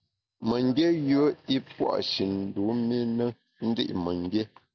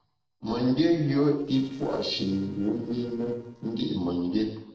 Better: first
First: none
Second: noise reduction (neural separator model SepFormer DNS4)

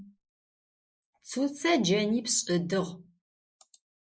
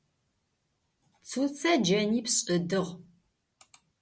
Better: second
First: noise reduction (neural mask model Resemble Enhance denoiser)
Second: none

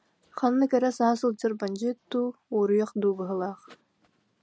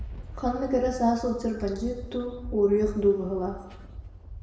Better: first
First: none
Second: background sound (Thunder); 12 dB below the speech // room echo; dies away in 0.9 s

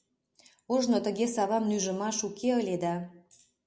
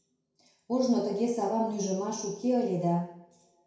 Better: first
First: none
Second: room echo; dies away in 0.6 s

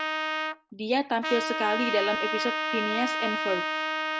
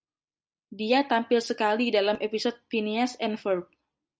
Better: second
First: background sound (Trumpet); as loud as the speech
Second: none

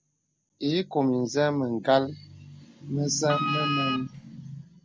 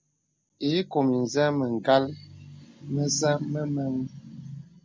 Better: second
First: background sound (Wind instrument, woodwind instrument); 3 dB below the speech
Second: none

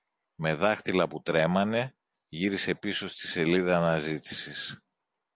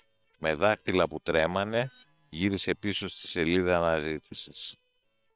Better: first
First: none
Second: noise reduction (neural separator model SepFormer WHAM!)

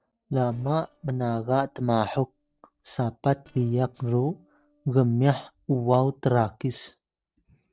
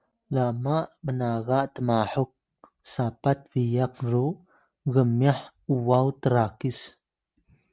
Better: second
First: noise reduction (neural separator model SepFormer DNS4)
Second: none

